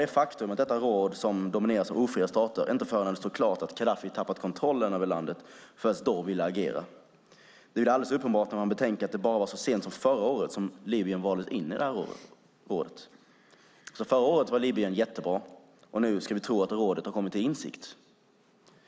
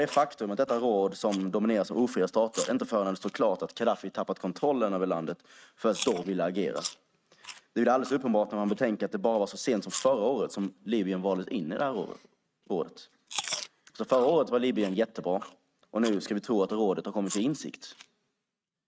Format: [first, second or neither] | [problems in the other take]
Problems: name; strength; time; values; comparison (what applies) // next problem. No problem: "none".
first | noise reduction (neural mask model RNNoise)